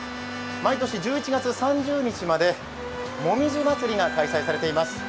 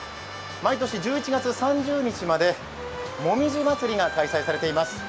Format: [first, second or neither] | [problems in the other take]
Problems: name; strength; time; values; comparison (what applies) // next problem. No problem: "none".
second | background sound (Bowed string instrument); 13 dB below the speech